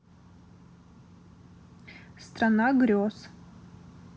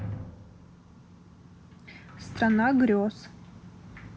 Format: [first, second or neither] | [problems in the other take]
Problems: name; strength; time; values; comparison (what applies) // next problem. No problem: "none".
first | background sound (Sliding door); 14 dB below the speech